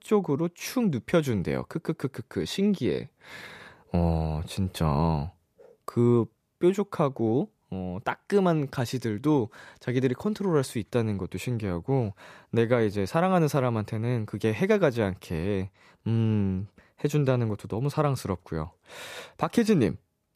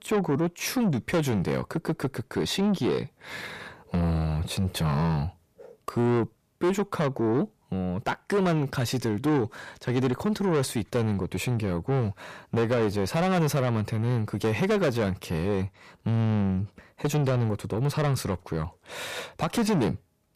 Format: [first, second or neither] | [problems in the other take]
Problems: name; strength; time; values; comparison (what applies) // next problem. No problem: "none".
first | distortion; heavy; 7 dB below the speech